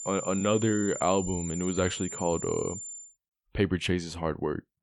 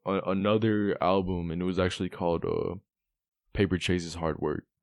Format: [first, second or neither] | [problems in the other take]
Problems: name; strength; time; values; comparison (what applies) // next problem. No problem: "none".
second | high-pitched whine; loud; until 3 s; 7 kHz, 7 dB below the speech